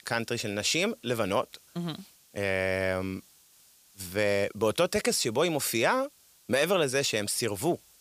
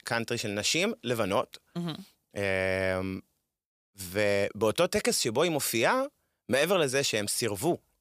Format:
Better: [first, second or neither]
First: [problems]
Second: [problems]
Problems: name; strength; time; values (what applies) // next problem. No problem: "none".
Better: second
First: hiss; faint; throughout; 30 dB below the speech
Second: none